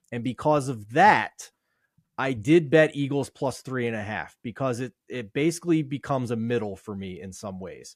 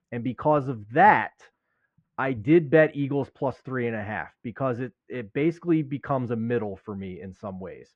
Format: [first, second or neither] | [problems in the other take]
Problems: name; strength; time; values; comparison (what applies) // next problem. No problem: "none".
first | muffled; very; fading above 2 kHz